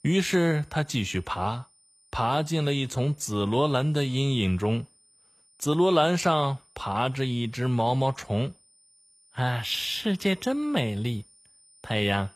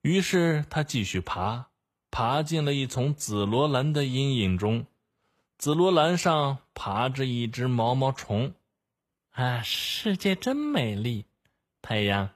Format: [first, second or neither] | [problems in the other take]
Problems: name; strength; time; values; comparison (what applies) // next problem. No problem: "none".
second | high-pitched whine; faint; throughout; 9 kHz, 30 dB below the speech